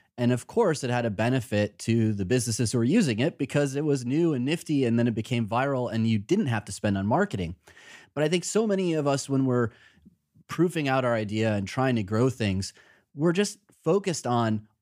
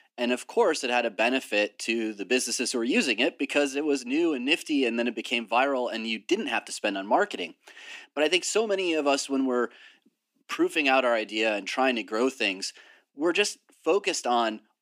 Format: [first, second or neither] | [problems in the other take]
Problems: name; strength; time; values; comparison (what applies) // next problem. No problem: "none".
first | thin; somewhat; fading below 250 Hz